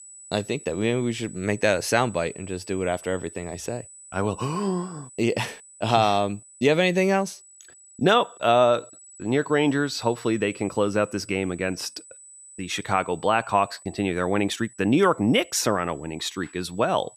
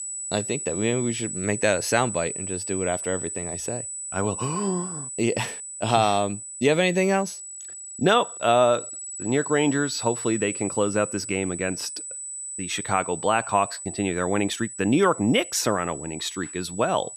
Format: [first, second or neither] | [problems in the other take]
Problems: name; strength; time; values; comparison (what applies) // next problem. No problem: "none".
first | high-pitched whine; loud; throughout; 8 kHz, 7 dB below the speech; faint in the first